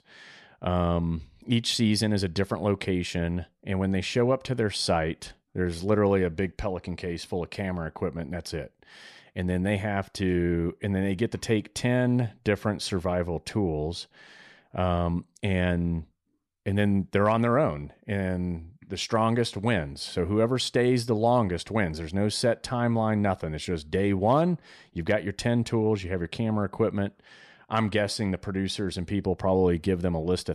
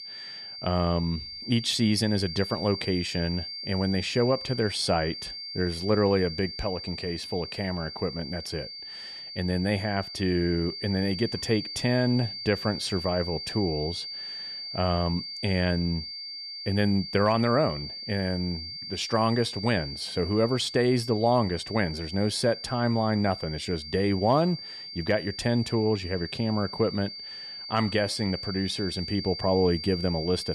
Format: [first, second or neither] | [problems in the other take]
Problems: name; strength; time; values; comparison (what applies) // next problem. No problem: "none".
first | high-pitched whine; loud; throughout; 4.5 kHz, 8 dB below the speech